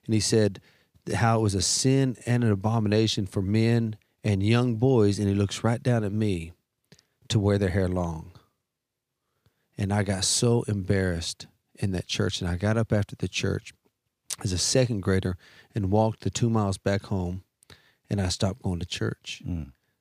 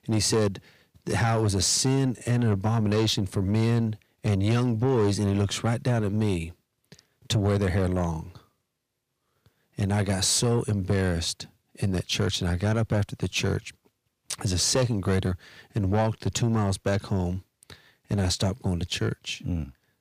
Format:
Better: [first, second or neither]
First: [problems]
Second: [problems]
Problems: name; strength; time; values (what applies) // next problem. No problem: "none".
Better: first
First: none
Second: distortion; slight; 10 dB below the speech